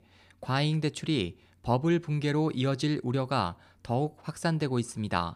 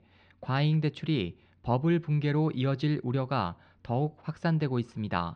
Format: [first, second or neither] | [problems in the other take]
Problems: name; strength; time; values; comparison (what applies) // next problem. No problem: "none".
first | muffled; very slightly; fading above 3.5 kHz